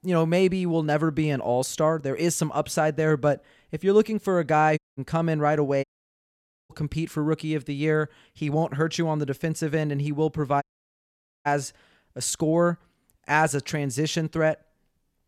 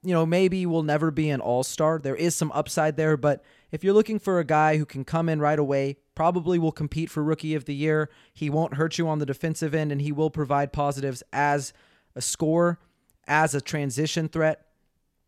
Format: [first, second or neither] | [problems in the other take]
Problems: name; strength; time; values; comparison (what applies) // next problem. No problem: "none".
second | audio cutting out; at 5 s, at 6 s for 1 s and at 11 s for 1 s